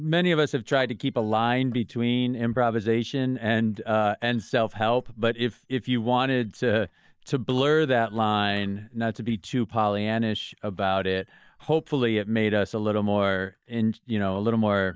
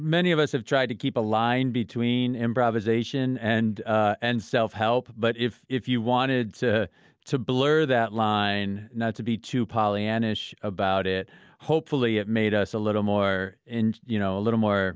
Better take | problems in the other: second | noise reduction (neural mask model DeepFilterNet 3)

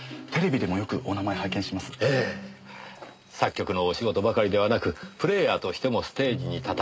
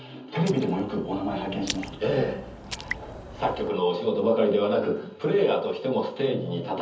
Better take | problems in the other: first | background sound (Raindrop); 13 dB below the speech // room echo; dies away in 0.7 s

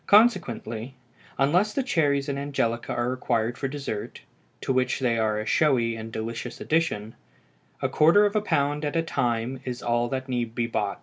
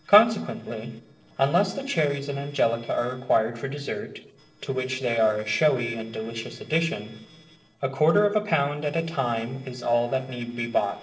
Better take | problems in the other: first | noise reduction (neural separator model SepFormer DNS4)

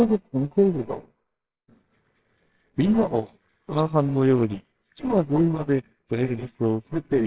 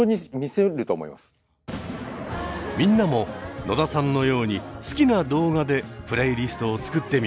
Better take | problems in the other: second | noise reduction (neural separator model SepFormer WHAMR!)

